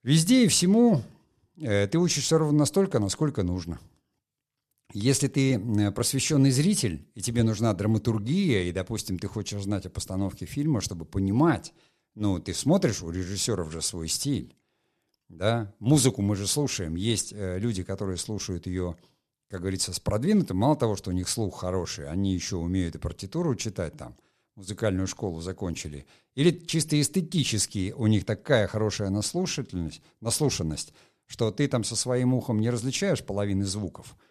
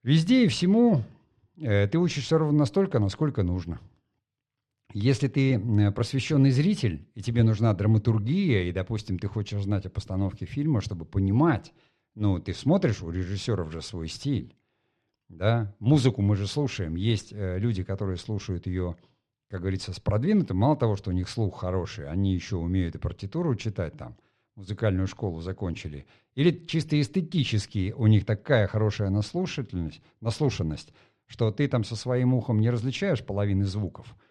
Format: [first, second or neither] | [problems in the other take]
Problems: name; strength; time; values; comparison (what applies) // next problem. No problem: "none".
first | muffled; slightly; fading above 3 kHz